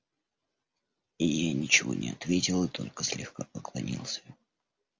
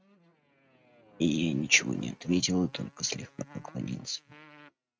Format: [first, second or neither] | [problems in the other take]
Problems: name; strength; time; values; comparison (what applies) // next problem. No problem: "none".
first | noise reduction (neural mask model RNNoise)